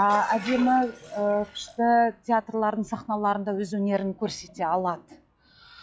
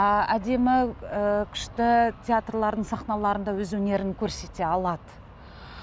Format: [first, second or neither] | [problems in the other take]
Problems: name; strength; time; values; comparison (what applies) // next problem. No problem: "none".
second | noise reduction (classical method log-MMSE)